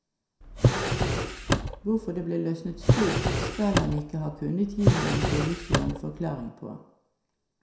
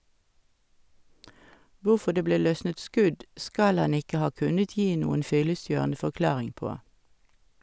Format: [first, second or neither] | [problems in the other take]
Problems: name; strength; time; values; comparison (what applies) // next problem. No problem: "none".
second | background sound (Drawer open or close); 4 dB above the speech // room echo; dies away in 0.6 s